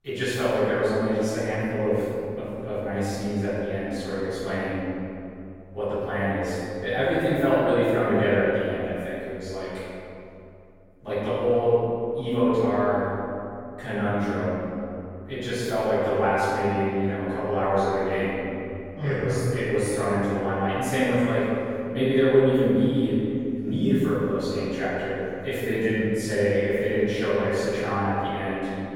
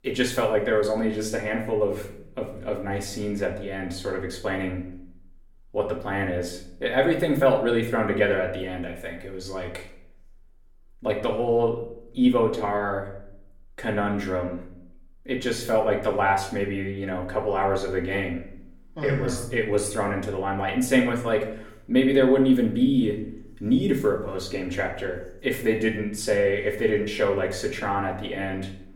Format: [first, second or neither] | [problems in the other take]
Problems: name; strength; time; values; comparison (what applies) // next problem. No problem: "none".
second | room echo; strong; dies away in 2.4 s; slight in the second // off-mic speech; far; far in the second